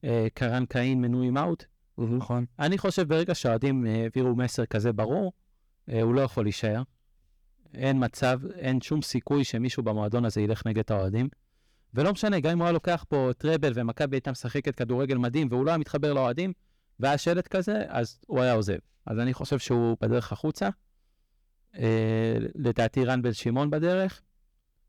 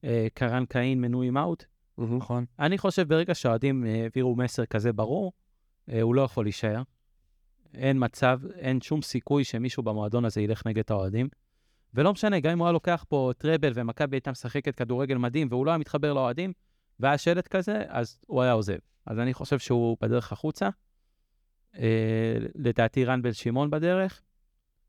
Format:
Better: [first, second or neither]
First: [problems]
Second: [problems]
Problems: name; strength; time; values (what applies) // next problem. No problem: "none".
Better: second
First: distortion; slight; 10 dB below the speech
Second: none